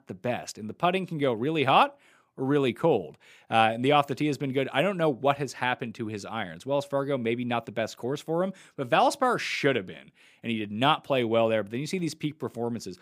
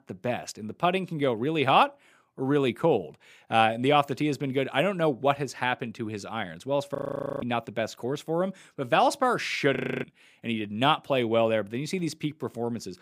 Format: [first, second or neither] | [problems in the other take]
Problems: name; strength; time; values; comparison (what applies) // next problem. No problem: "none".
first | audio freezing; at 7 s and at 10 s